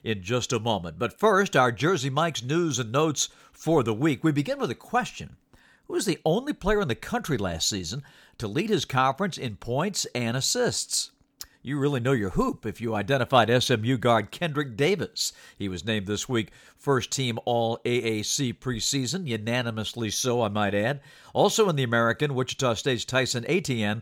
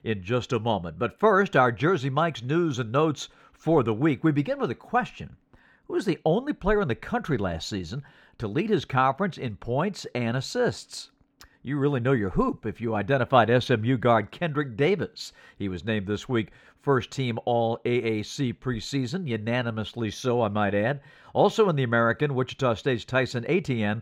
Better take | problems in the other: first | muffled; slightly; fading above 4 kHz

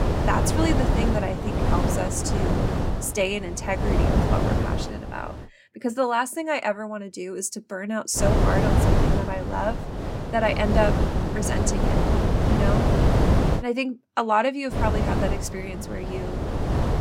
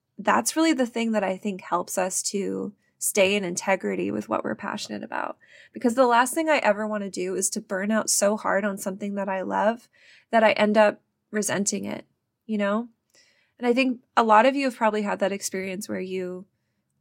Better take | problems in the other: second | wind noise on the microphone; heavy; until 5.5 s, from 8 to 14 s and from 15 s on; 1 dB below the speech

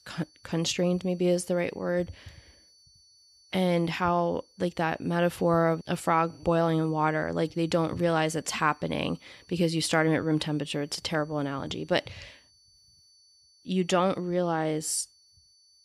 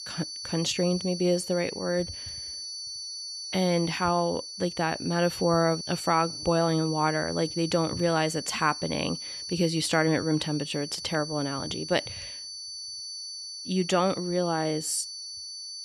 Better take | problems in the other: first | high-pitched whine; loud; throughout; 4.5 kHz, 8 dB below the speech; faint in the first

